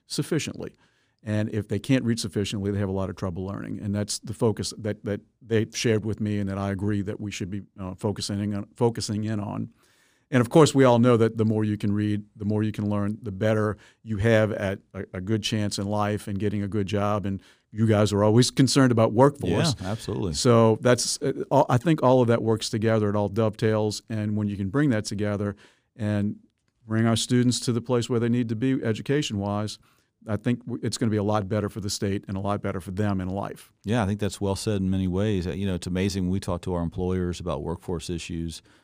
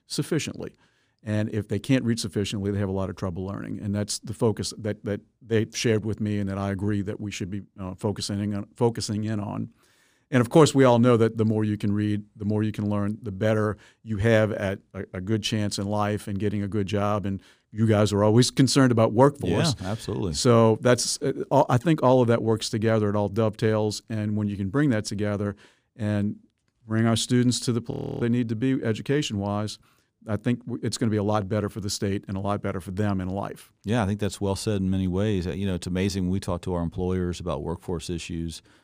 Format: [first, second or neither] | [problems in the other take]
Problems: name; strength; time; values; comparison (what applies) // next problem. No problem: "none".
first | audio freezing; at 28 s